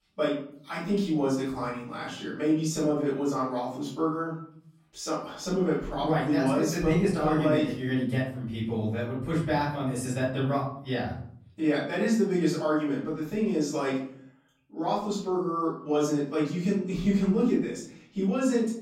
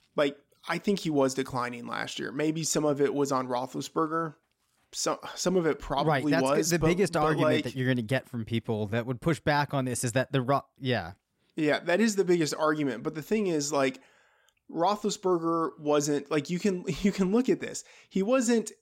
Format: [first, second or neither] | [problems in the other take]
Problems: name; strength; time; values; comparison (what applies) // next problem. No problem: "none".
second | room echo; noticeable; dies away in 0.7 s // off-mic speech; far